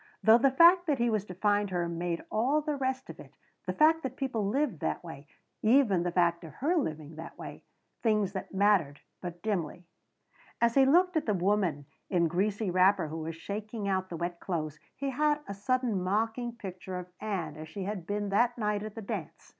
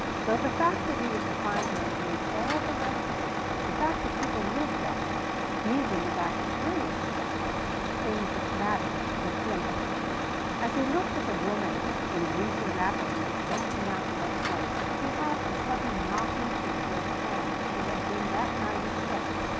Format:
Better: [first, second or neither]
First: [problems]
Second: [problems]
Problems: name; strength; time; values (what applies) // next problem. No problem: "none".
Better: first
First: none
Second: background sound (Truck); 4 dB above the speech